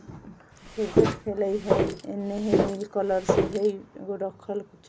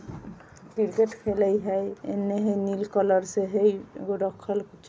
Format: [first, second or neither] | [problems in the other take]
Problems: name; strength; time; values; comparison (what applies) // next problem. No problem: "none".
second | background sound (Walk, footsteps); 2 dB above the speech